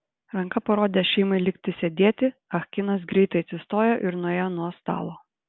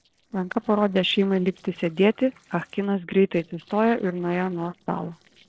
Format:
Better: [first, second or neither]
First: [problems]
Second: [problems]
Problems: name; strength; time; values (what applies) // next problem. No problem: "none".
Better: first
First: none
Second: noise reduction (neural separator model SepFormer DNS4)